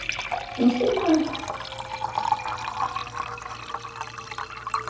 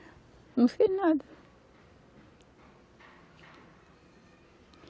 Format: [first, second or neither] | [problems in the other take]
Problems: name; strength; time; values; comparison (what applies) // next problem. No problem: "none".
second | background sound (Liquid); 2 dB below the speech // room echo; dies away in 0.7 s